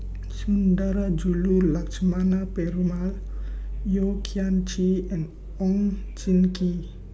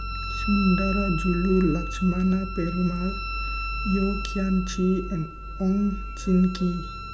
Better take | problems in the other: first | background sound (Wind instrument, woodwind instrument); 11 dB below the speech

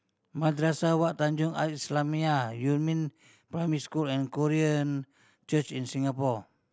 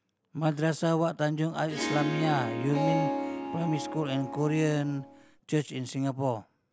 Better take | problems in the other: first | background sound (Harp); 4 dB below the speech

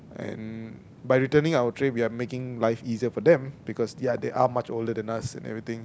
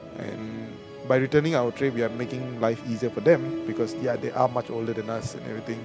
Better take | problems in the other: first | background sound (Musical instrument); 12 dB below the speech

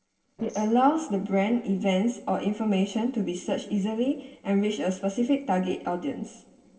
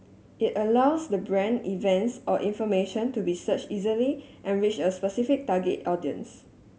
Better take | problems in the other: second | noise reduction (neural separator model SepFormer DNS4)

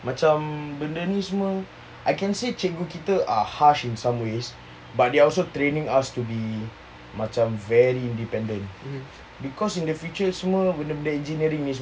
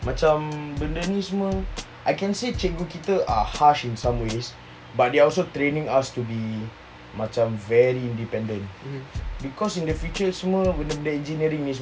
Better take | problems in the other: first | background sound (Drum kit); 9 dB below the speech

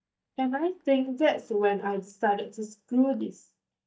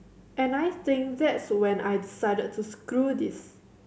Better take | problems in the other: second | noise reduction (neural mask model DeepFilterNet 3)

